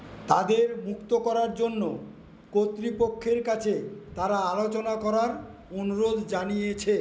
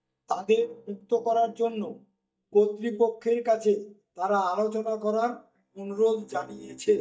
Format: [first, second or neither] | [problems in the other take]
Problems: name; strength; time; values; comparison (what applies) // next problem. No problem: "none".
first | noise reduction (neural mask model DeepFilterNet 3)